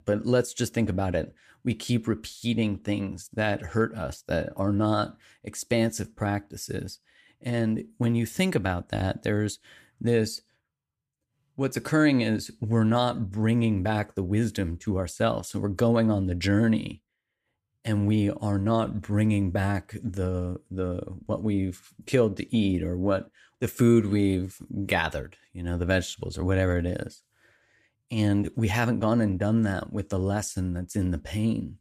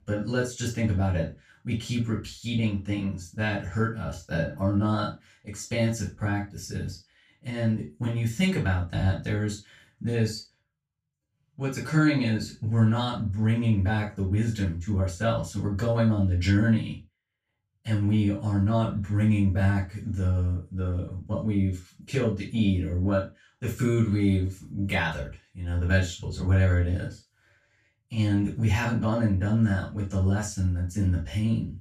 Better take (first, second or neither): first